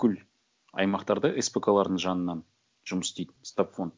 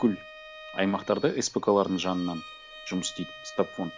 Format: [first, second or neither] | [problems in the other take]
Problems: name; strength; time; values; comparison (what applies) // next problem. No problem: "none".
first | background sound (Bowed string instrument); 16 dB below the speech